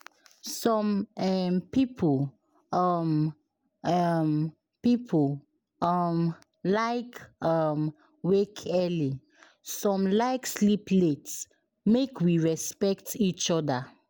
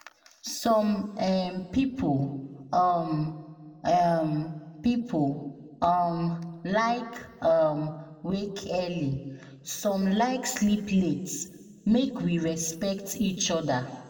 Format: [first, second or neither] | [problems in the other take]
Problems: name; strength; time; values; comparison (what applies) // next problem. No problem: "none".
first | room echo; dies away in 1.2 s